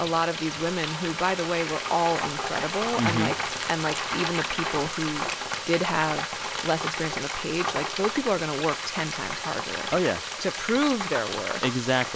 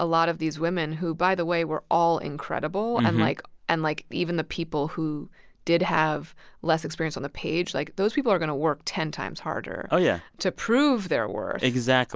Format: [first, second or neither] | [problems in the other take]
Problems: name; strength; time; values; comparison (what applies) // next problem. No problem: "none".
second | background sound (Frying (food)); 3 dB below the speech